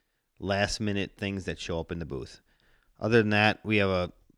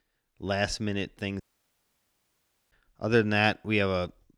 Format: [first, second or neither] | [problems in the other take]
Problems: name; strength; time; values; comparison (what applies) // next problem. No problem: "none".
first | audio cutting out; at 1.5 s for 1.5 s